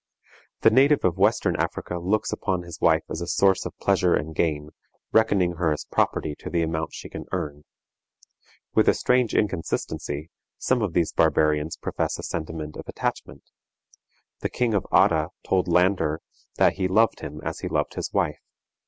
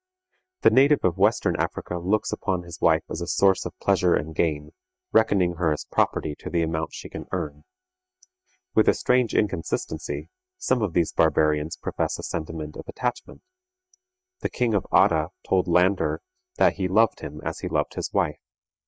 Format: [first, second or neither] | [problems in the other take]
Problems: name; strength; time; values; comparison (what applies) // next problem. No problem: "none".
first | noise reduction (neural mask model DeepFilterNet 3)